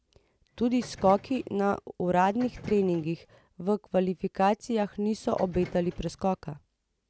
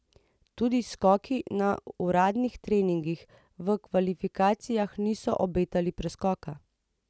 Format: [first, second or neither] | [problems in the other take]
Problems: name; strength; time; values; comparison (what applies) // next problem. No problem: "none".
second | background sound (Subway, metro, underground); 20 dB below the speech